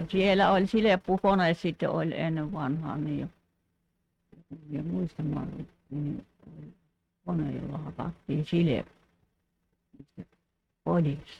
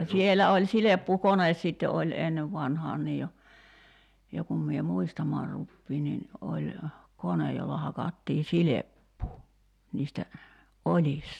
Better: second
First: noise reduction (neural mask model RNNoise)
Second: none

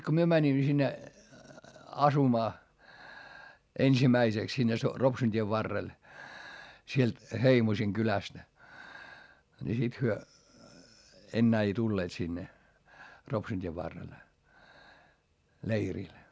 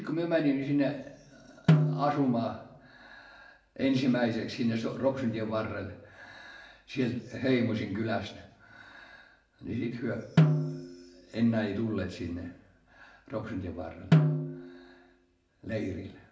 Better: first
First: none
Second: background sound (Snare drum); 3 dB above the speech // room echo; dies away in 0.7 s

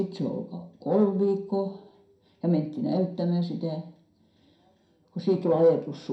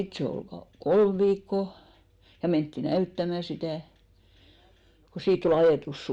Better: second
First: room echo; dies away in 0.4 s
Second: none

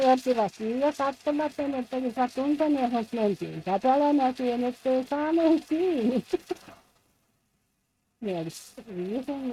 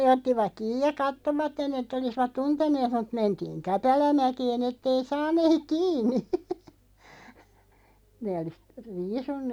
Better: second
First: noise reduction (neural mask model RNNoise)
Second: none

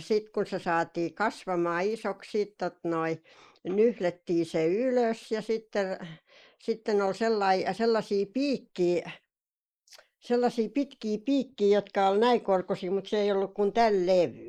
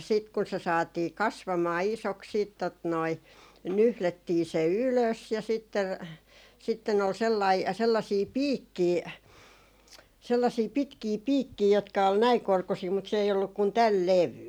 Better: second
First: noise reduction (neural mask model Resemble Enhance denoiser)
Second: none

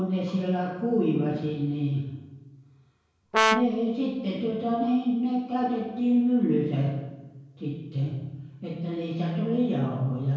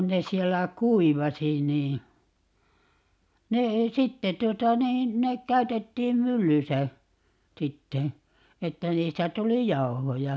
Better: second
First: background sound (Brass instrument); 1 dB above the speech // room echo; dies away in 0.9 s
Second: none

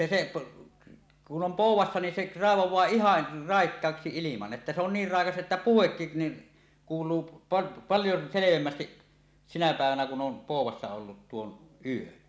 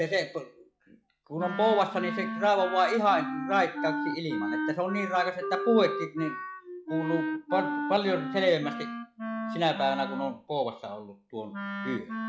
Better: first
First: none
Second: noise reduction (classical method log-MMSE)

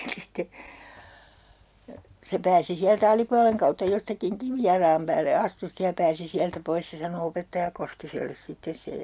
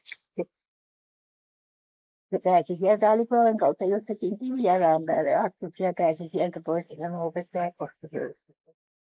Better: first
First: none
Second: noise reduction (neural mask model Resemble Enhance denoiser)

